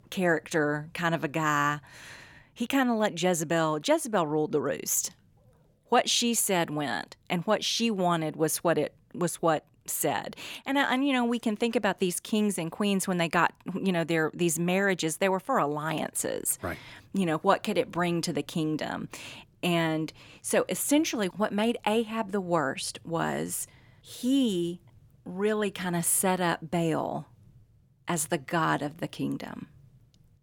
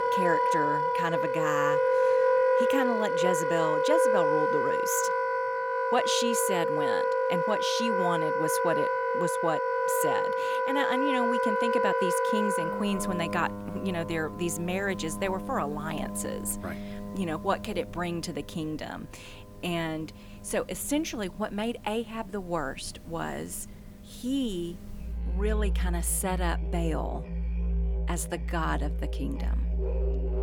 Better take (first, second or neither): first